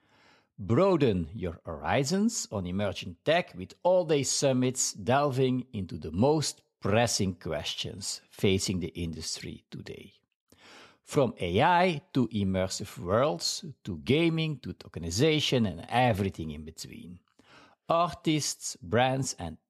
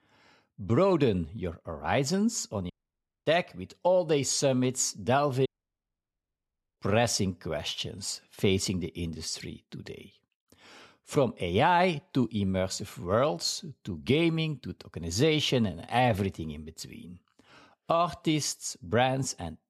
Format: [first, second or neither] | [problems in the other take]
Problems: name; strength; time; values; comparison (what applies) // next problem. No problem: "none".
first | audio cutting out; at 2.5 s for 0.5 s and at 5.5 s for 1.5 s